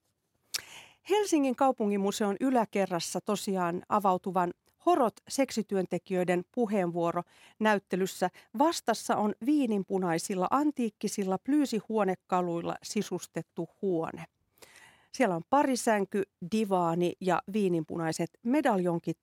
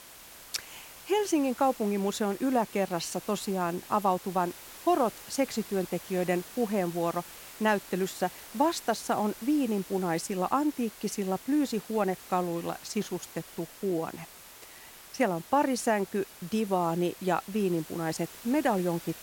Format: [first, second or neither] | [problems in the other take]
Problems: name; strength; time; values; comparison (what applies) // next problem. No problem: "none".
first | hiss; noticeable; throughout; 15 dB below the speech